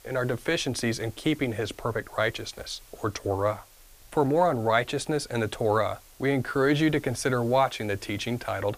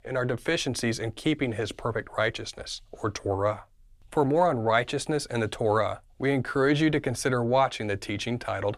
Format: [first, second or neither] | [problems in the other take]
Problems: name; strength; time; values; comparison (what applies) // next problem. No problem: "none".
second | hiss; faint; throughout; 25 dB below the speech